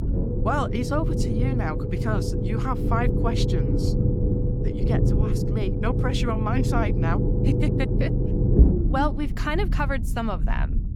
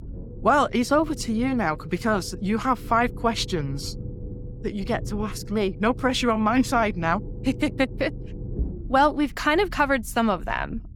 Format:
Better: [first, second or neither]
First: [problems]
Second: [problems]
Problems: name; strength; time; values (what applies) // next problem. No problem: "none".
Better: second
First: low rumble; loud; throughout; 3 dB below the speech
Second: low rumble; faint; throughout; 20 dB below the speech